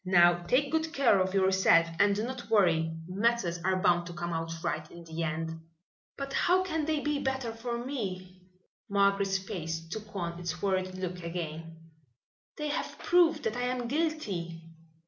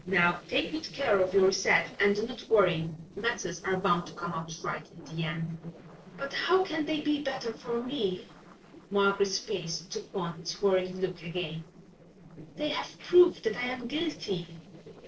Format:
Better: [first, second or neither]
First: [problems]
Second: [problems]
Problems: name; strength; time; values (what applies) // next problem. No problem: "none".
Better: first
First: none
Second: noise reduction (neural separator model SepFormer DNS4)